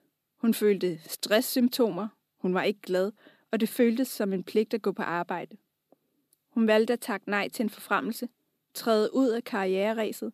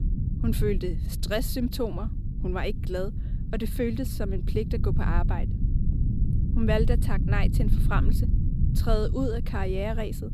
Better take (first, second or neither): first